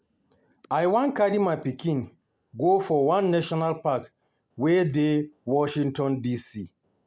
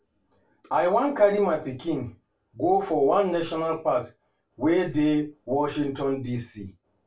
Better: first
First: none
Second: room echo; dies away in 0.2 s

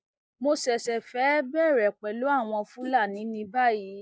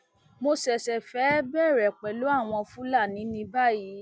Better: second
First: noise reduction (neural mask model Resemble Enhance denoiser)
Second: none

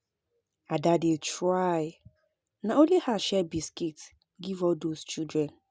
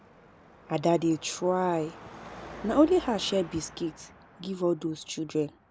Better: first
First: none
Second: background sound (Car passing by / Traffic noise, roadway noise / Engine); 18 dB below the speech

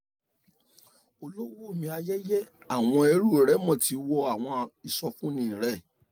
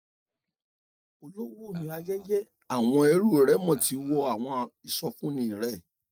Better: first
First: none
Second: noise reduction (neural mask model DeepFilterNet 3)

